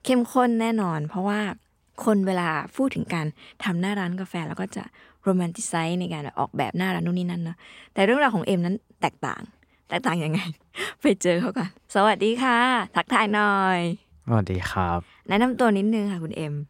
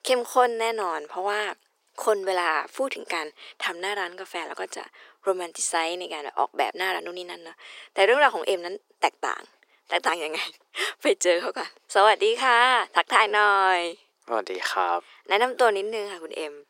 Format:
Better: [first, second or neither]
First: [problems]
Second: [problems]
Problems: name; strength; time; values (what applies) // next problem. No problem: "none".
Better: first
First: none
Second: thin; very; fading below 350 Hz